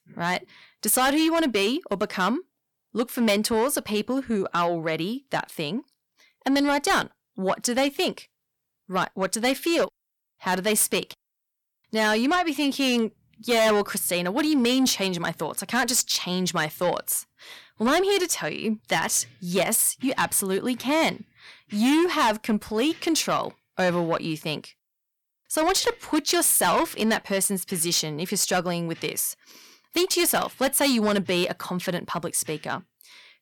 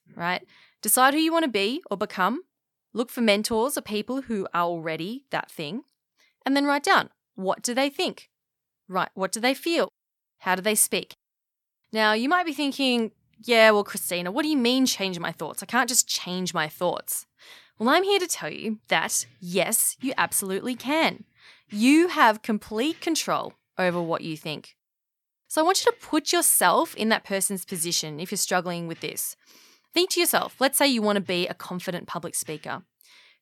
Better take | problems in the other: second | distortion; heavy; 8 dB below the speech

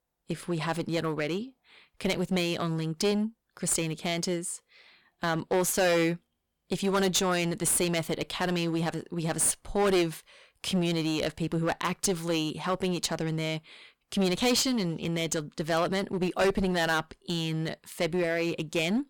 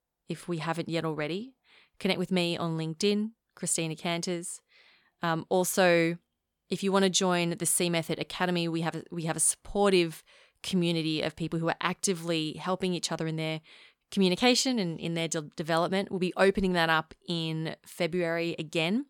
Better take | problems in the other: second | distortion; heavy; 10% of the sound clipped

